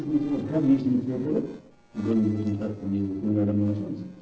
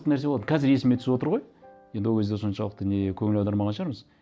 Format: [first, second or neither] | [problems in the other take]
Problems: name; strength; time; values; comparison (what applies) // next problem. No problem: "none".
second | noise reduction (neural separator model SepFormer DNS4)